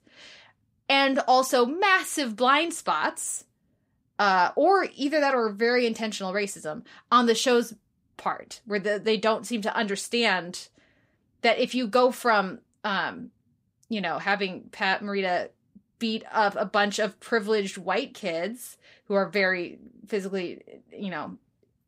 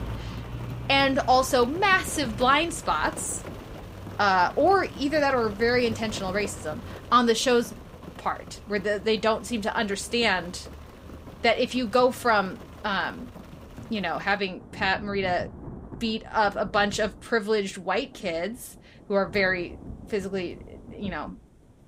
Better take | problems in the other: first | rain or running water; noticeable; throughout; 15 dB below the speech

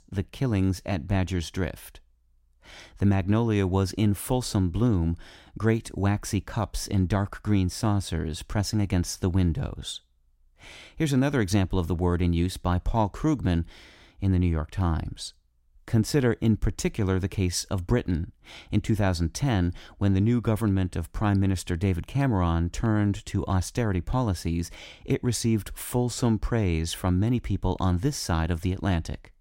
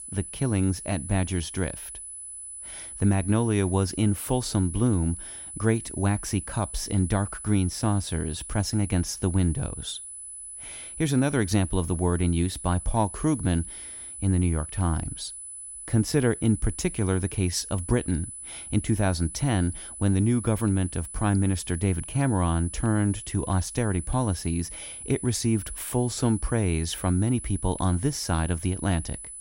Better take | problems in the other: first | high-pitched whine; noticeable; throughout; 10 kHz, 10 dB below the speech

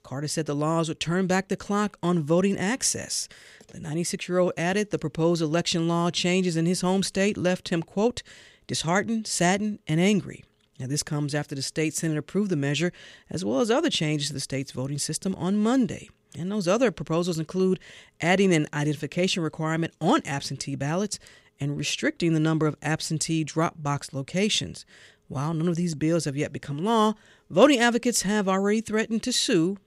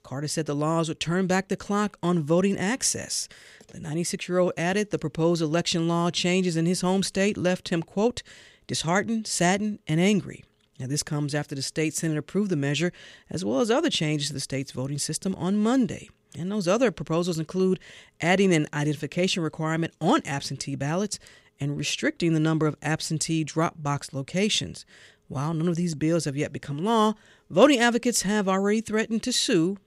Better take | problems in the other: neither | none

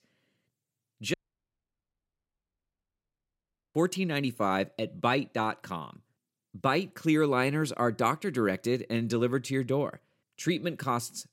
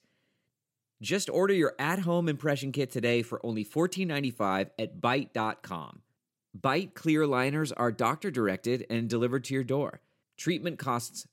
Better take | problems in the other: second | audio cutting out; at 1 s for 2.5 s

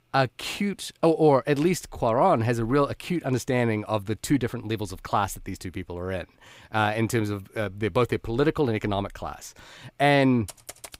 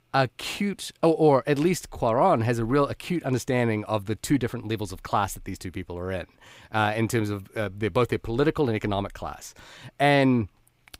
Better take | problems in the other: second | keyboard typing; faint; at 10 s; peak 15 dB below the speech

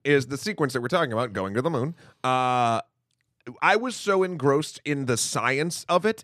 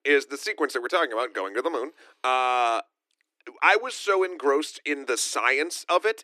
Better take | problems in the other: first | thin; somewhat; fading below 300 Hz

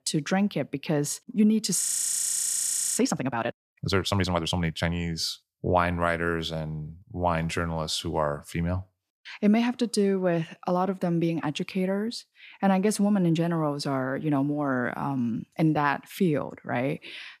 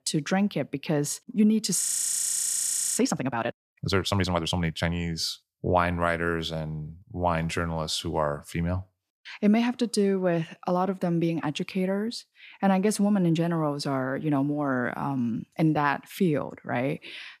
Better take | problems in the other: neither | audio freezing; at 2 s for 1 s; the same in both

